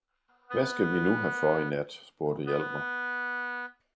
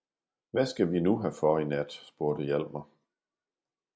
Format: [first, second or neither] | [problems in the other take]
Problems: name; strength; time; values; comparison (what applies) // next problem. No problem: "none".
second | background sound (Wind instrument, woodwind instrument); 5 dB below the speech